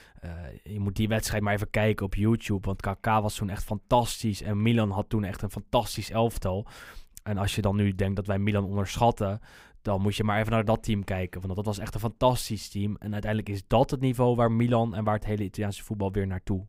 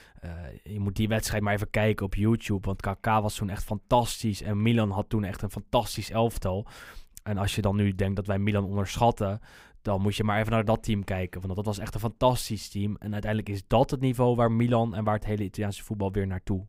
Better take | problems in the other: neither | none

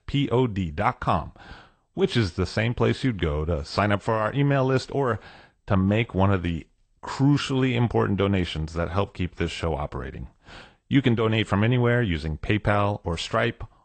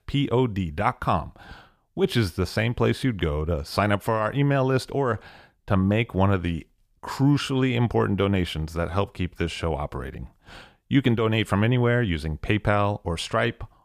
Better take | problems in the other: second | garbled, watery; slightly; nothing above 8.5 kHz

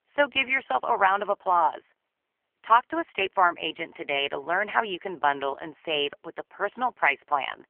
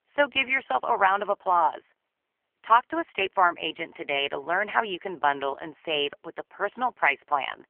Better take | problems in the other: neither | phone-call audio; poor line; nothing above 3 kHz; the same in both

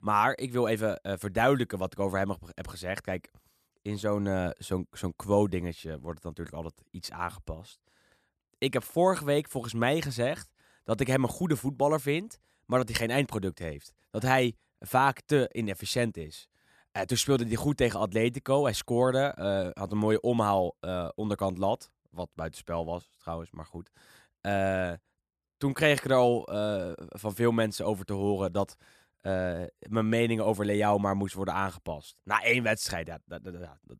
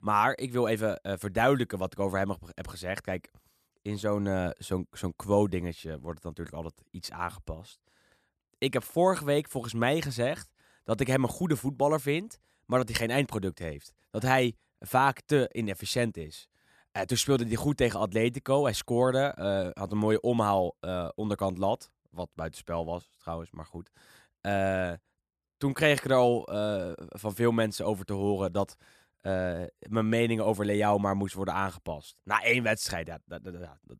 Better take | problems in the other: neither | none

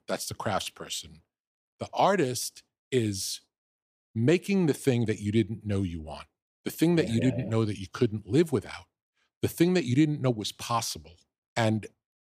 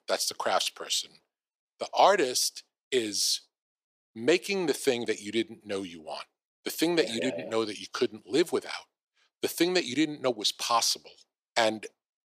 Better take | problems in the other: first | thin; somewhat; fading below 450 Hz

